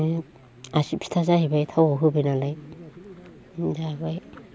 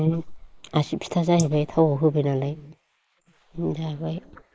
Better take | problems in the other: first | noise reduction (neural mask model Resemble Enhance denoiser)

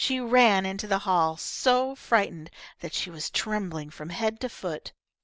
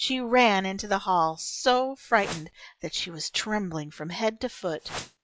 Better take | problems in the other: first | noise reduction (classical method log-MMSE)

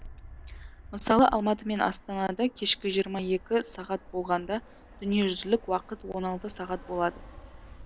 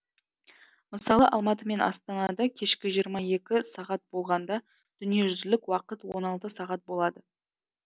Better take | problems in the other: second | background sound (Fixed-wing aircraft, airplane); 18 dB below the speech

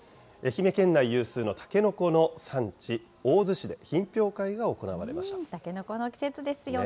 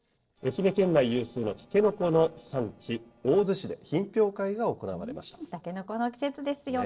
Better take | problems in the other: first | noise reduction (neural separator model SepFormer DNS4)

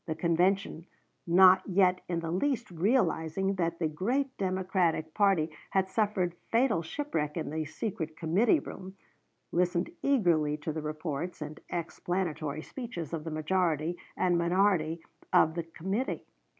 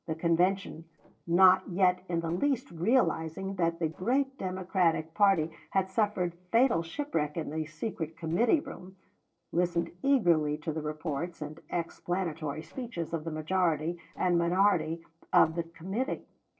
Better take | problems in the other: first | noise reduction (neural separator model SepFormer DNS4)

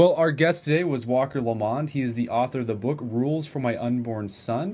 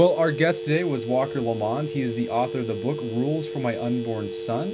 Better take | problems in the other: first | background sound (Telephone); 8 dB below the speech

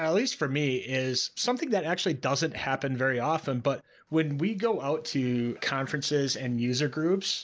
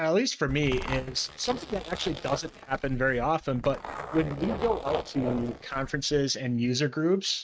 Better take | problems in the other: first | noise reduction (neural mask model RNNoise)

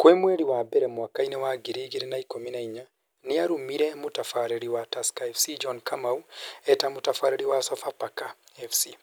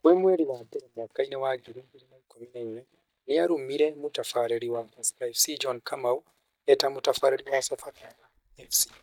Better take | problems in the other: first | noise reduction (neural mask model DeepFilterNet 3)

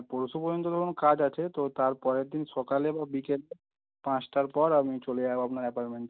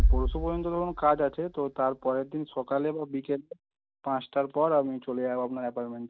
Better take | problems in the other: first | background sound (Bass drum); 4 dB below the speech

